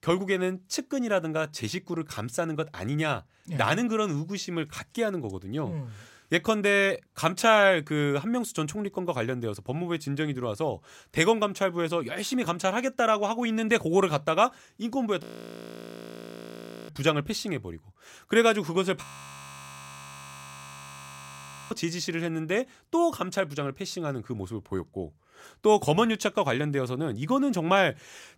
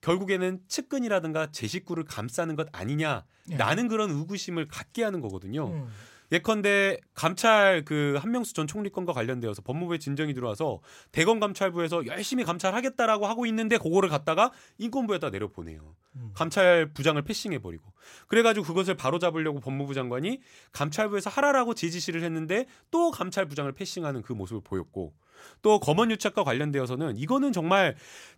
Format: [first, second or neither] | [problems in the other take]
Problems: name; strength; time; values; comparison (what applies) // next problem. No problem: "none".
second | audio freezing; at 15 s for 1.5 s and at 19 s for 2.5 s